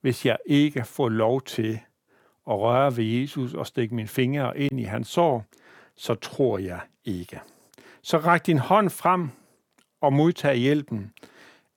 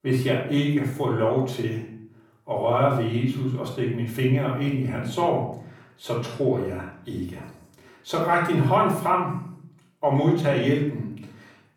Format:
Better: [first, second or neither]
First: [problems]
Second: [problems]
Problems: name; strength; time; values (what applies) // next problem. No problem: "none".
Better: first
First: none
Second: room echo; noticeable; dies away in 0.5 s // off-mic speech; far